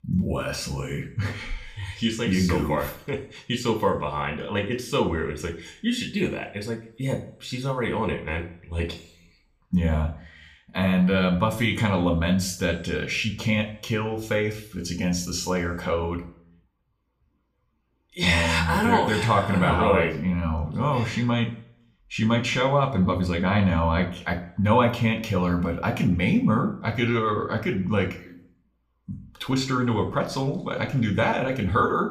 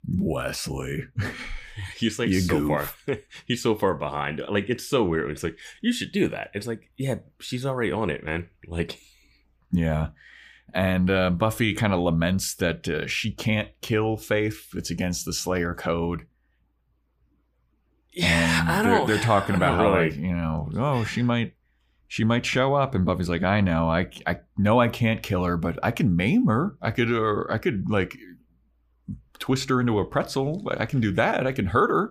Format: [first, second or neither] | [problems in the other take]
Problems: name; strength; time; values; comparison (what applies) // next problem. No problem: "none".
second | room echo; very slight; dies away in 0.4 s // off-mic speech; somewhat distant